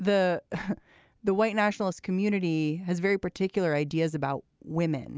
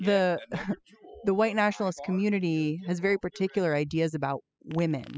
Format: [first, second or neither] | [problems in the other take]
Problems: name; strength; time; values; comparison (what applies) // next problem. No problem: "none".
first | noise reduction (classical method spectral subtraction)